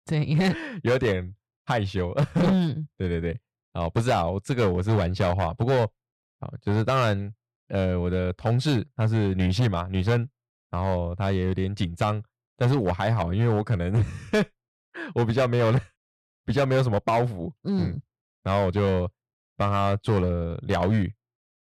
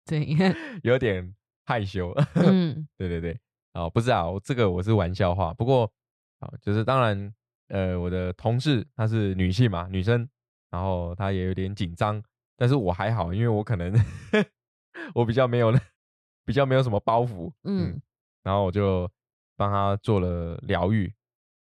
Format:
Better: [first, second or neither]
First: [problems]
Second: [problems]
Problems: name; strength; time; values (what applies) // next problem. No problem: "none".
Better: second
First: distortion; slight; 8% of the sound clipped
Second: none